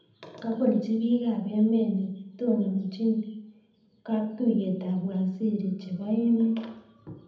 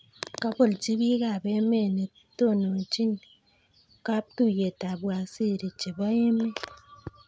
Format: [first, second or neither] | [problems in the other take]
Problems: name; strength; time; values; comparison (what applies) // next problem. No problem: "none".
second | room echo; dies away in 0.8 s